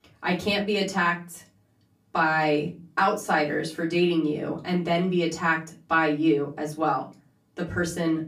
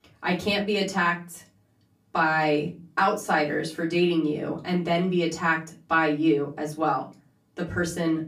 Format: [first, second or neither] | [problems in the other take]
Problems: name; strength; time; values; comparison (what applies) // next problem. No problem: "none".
neither | off-mic speech; far; the same in both // room echo; very slight; dies away in 0.3 s; the same in both